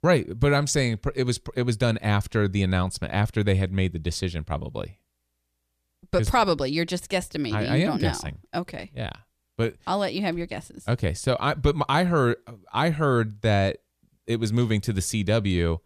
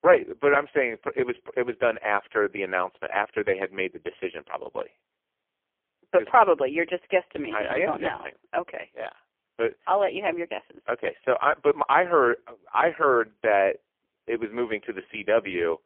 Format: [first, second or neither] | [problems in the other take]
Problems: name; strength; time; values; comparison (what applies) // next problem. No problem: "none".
first | phone-call audio; poor line; nothing above 3.5 kHz